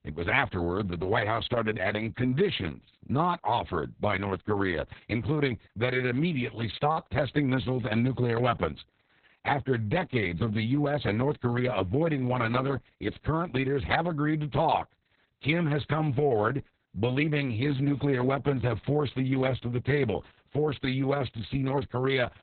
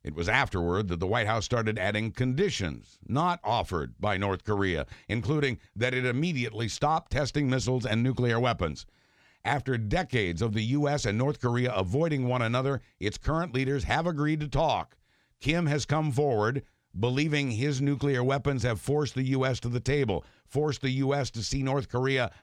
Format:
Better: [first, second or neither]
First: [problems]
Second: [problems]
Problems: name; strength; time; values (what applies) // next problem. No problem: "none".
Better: second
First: garbled, watery; badly; nothing above 4 kHz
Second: none